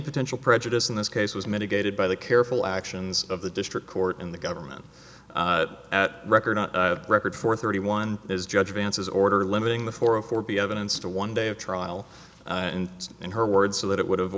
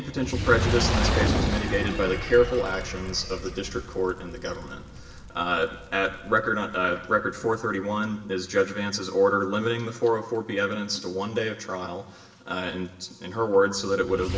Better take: first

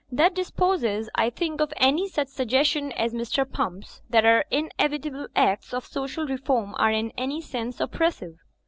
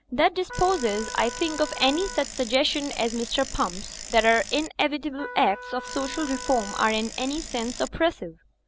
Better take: first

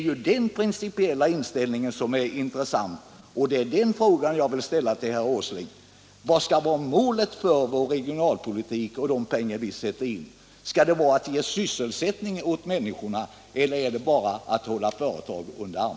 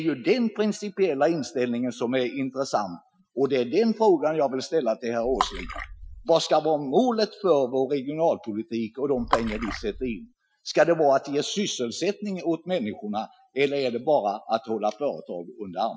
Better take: first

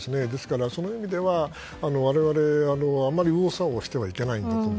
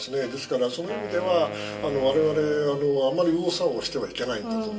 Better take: first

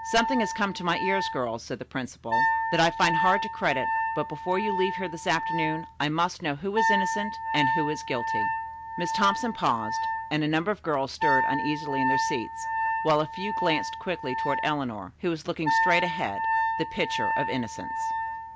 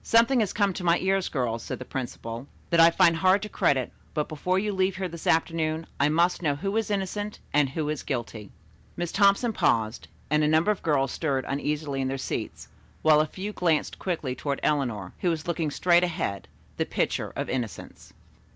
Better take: second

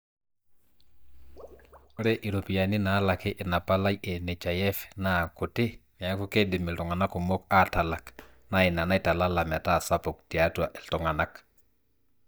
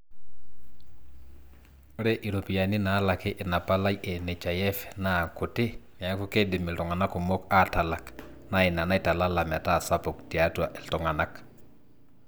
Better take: second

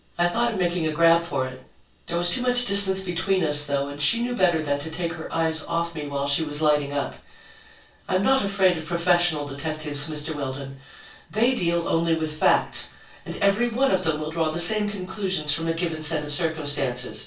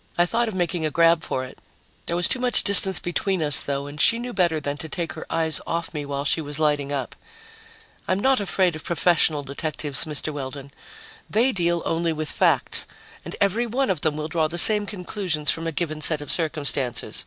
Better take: second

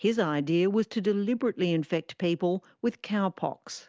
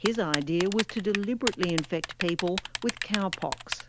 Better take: first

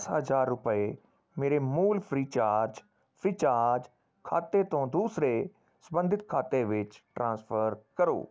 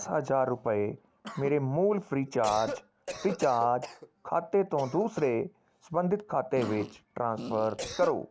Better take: first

